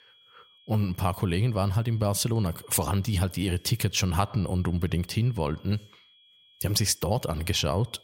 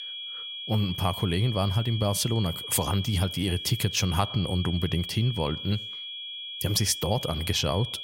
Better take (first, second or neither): first